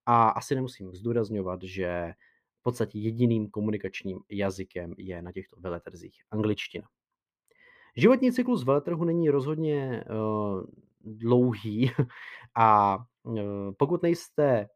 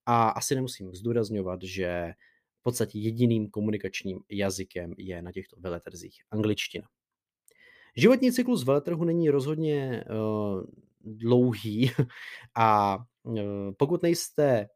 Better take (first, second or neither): second